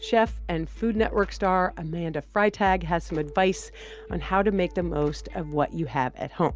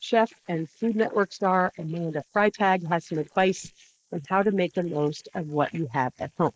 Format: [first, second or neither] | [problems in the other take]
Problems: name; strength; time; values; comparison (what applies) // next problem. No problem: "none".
first | noise reduction (neural mask model Resemble Enhance denoiser)